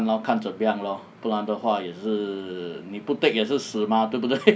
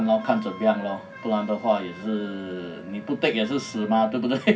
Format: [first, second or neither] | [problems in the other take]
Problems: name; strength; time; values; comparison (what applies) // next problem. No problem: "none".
first | background sound (Wind instrument, woodwind instrument); 19 dB below the speech // room echo; dies away in 0.4 s